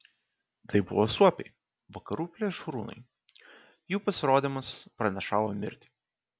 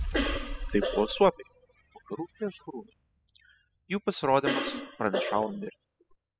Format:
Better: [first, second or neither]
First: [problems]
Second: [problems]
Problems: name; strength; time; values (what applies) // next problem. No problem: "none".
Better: first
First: none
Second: noise reduction (classical method spectral subtraction)